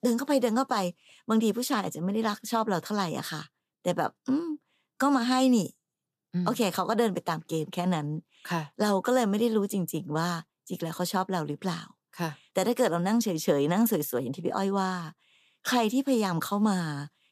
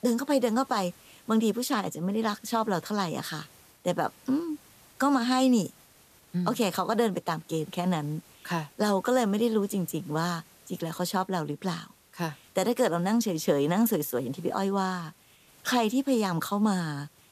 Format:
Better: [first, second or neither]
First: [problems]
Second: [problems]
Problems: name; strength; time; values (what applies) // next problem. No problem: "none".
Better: first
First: none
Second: hiss; faint; throughout; 25 dB below the speech